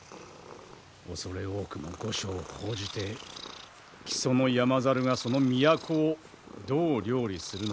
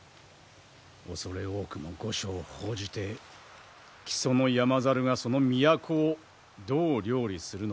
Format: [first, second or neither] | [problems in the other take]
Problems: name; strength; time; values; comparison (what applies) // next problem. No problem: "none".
second | background sound (Purr); 17 dB below the speech